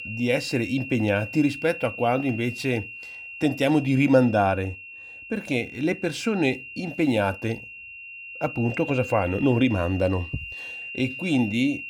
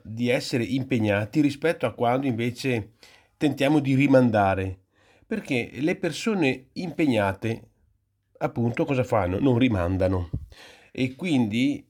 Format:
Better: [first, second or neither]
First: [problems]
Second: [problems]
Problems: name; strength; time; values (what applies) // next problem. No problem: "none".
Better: second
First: high-pitched whine; noticeable; throughout; 2.5 kHz, 10 dB below the speech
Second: none